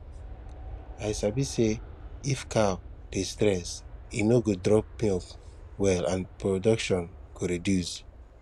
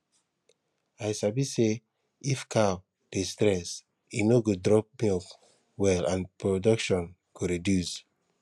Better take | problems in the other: second | background sound (Aircraft); 15 dB below the speech

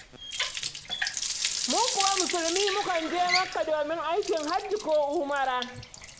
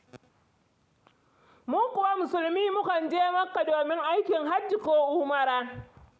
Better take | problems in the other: second | background sound (Water tap, faucet); 3 dB below the speech

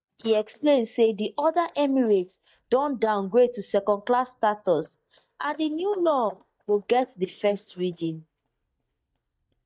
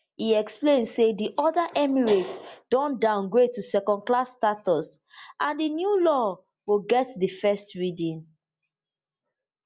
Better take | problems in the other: second | noise reduction (neural mask model DeepFilterNet 3)

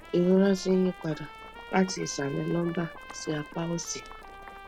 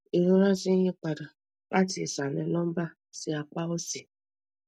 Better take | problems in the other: second | background sound (Trumpet + Boiling); 16 dB below the speech

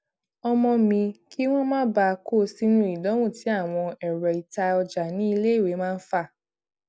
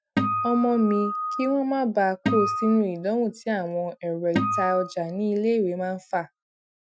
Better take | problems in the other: first | noise reduction (classical method Wiener filter)

